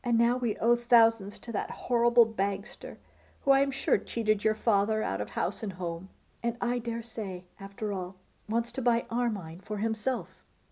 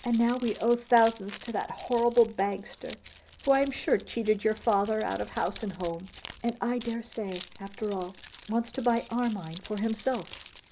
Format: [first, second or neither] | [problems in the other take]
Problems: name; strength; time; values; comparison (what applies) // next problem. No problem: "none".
first | background sound (Keys jangling); 20 dB below the speech